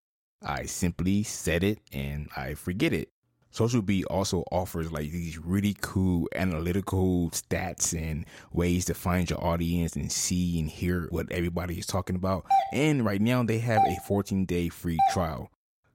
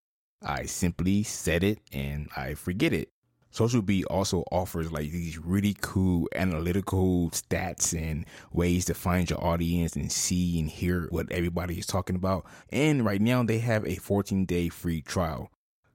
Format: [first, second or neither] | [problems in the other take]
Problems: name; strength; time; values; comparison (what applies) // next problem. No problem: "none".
second | doorbell; loud; from 13 to 15 s; peak 3 dB above the speech